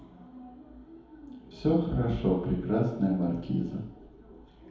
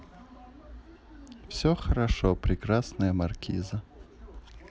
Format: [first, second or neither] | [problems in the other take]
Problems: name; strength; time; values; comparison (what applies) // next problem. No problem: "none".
second | room echo; dies away in 2.2 s